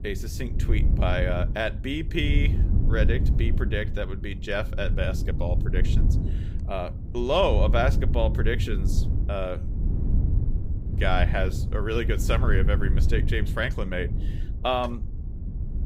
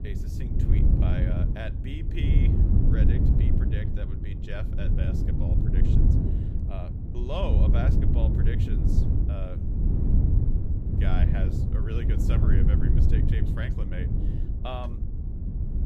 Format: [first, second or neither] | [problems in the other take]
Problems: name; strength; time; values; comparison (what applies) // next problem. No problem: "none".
first | wind noise on the microphone; heavy; 1 dB above the speech; occasional gusts in the first